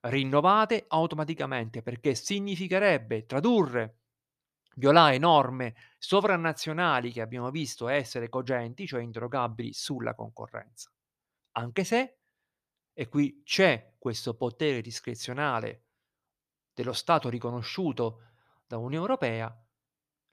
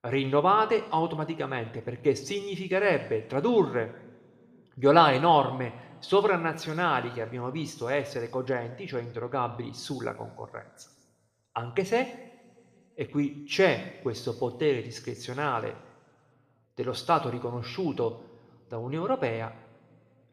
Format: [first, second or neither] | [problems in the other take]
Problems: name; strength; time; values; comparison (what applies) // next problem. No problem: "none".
first | room echo; slight; dies away in 1.7 s